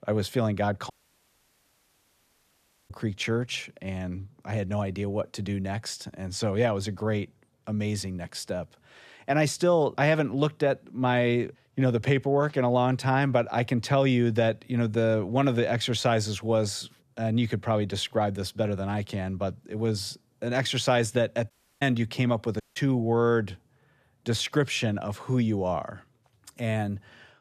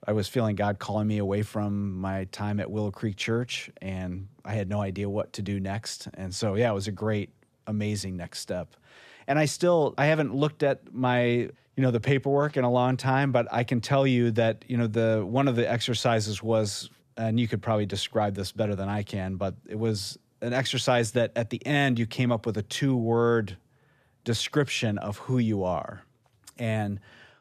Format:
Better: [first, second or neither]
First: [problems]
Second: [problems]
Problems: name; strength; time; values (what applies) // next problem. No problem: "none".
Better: second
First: audio cutting out; at 1 s for 2 s, at 22 s and at 23 s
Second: none